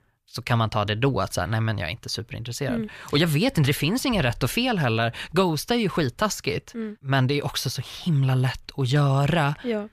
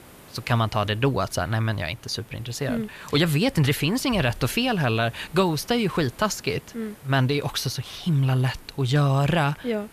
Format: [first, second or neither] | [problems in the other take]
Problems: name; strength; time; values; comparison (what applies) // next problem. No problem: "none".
first | hiss; faint; throughout; 25 dB below the speech